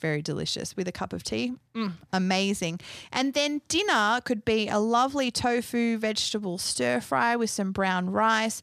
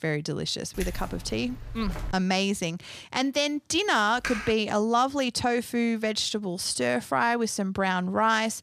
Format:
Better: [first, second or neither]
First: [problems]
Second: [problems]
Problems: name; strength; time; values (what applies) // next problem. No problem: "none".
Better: first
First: none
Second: jangling keys; faint; from 0.5 to 2 s; peak 10 dB below the speech // keyboard typing; noticeable; at 4 s; peak 6 dB below the speech